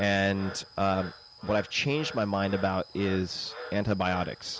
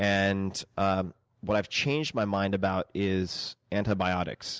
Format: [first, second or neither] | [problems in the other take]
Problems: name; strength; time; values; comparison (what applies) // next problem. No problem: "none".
second | background sound (Frog); 15 dB below the speech